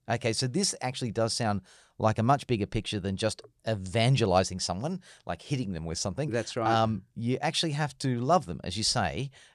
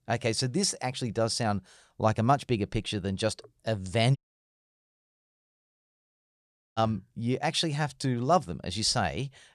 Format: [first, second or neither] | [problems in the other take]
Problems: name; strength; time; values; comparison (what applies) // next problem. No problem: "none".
first | audio cutting out; at 4 s for 2.5 s